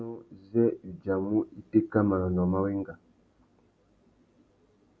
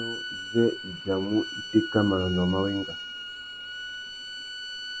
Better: first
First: none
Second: background sound (Bowed string instrument); 8 dB below the speech

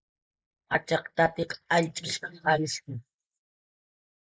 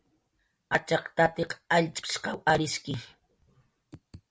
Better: second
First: noise reduction (neural mask model Resemble Enhance denoiser)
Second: none

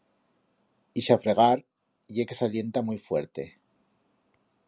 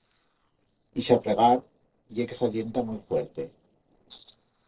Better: first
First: none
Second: noise reduction (neural separator model SepFormer DNS4)

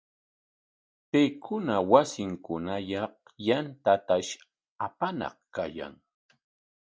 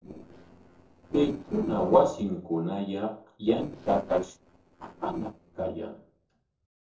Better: first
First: none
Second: noise reduction (neural separator model SepFormer DNS4)

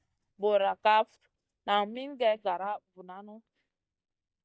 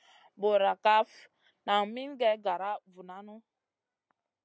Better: second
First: noise reduction (neural mask model DeepFilterNet 3)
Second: none

